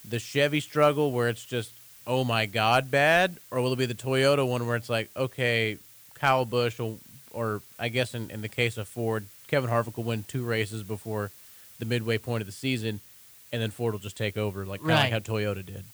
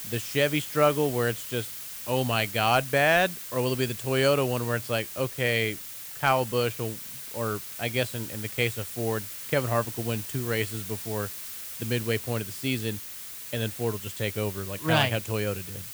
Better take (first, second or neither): first